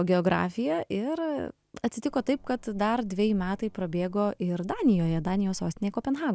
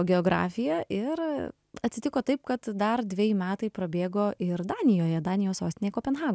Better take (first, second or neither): second